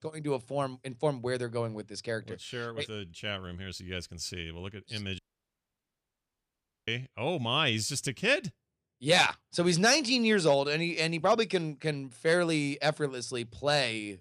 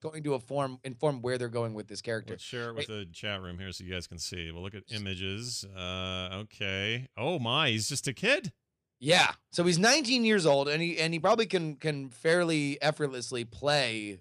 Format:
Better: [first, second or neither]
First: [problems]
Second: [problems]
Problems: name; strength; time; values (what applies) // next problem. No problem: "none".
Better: second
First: audio cutting out; at 5 s for 1.5 s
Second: none